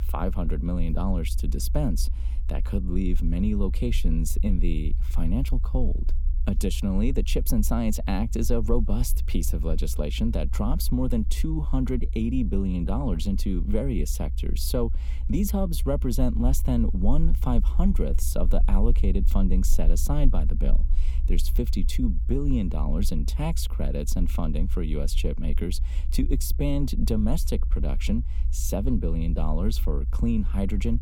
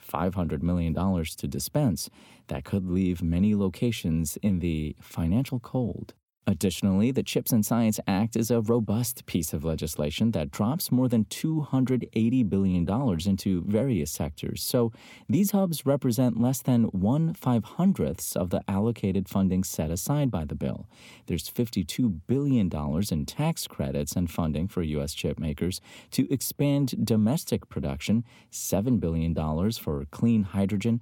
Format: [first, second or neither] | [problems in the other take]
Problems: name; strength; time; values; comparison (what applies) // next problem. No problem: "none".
second | low rumble; noticeable; throughout; 15 dB below the speech